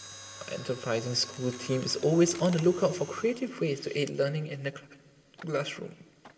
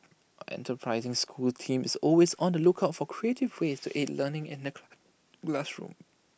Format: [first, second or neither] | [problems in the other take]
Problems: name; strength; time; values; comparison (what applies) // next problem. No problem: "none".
second | background sound (Mechanisms); 18 dB below the speech // room echo; dies away in 2.1 s